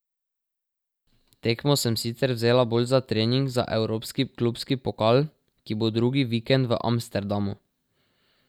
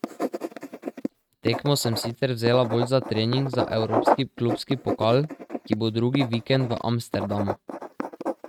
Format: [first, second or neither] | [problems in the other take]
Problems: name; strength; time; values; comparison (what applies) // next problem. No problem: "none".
first | noise reduction (neural mask model RNNoise)